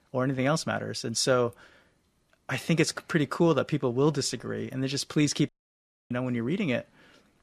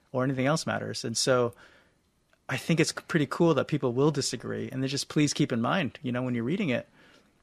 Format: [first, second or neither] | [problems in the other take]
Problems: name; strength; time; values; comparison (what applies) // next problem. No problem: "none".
second | audio cutting out; at 5.5 s for 0.5 s